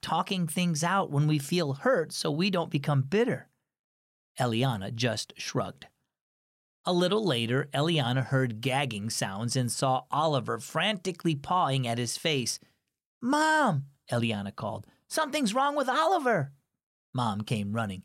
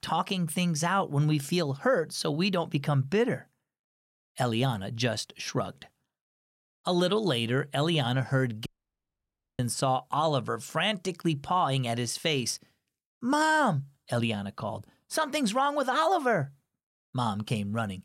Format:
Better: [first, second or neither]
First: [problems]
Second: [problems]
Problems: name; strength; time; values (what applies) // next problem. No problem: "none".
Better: first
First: none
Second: audio cutting out; at 8.5 s for 1 s